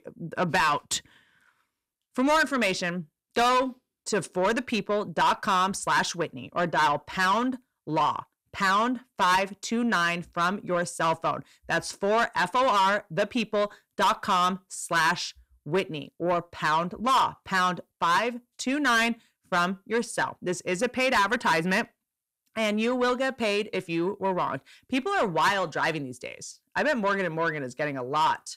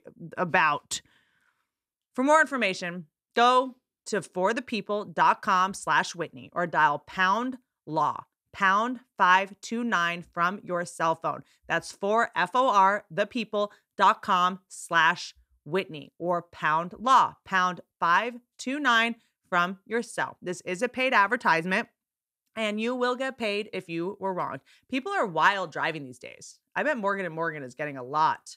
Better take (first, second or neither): second